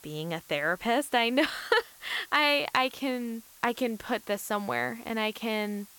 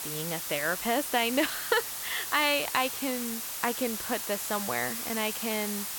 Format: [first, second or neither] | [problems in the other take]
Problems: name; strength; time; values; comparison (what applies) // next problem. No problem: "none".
first | hiss; loud; throughout; 3 dB below the speech; faint in the first